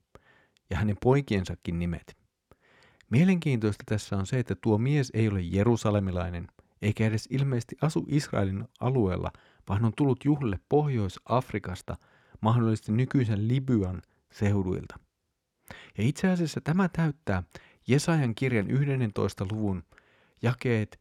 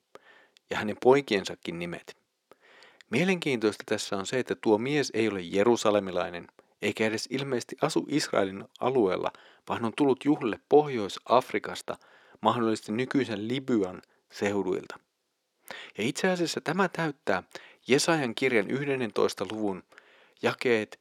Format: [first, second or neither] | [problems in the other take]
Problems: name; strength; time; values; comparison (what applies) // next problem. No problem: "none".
first | thin; somewhat; fading below 400 Hz